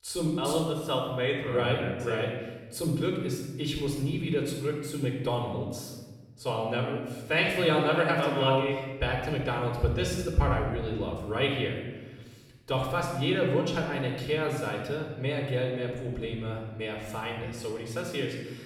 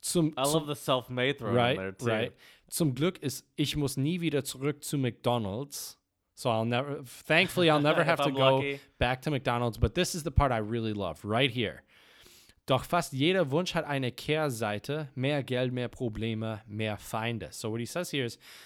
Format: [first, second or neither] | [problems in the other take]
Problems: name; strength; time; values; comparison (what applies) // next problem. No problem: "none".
second | off-mic speech; far // room echo; noticeable; dies away in 1.2 s